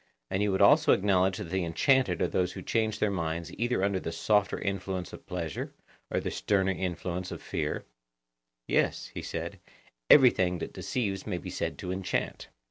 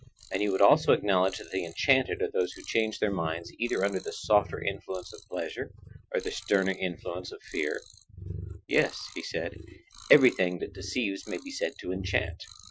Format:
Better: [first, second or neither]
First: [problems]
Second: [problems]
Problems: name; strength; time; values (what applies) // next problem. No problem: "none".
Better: first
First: none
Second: noise reduction (classical method Wiener filter)